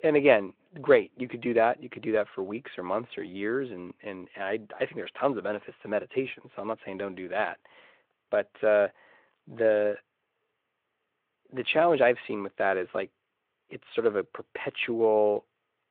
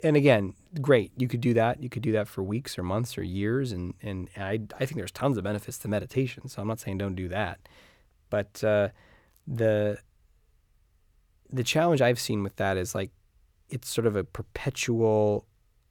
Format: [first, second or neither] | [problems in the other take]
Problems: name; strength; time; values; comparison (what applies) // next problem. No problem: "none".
second | phone-call audio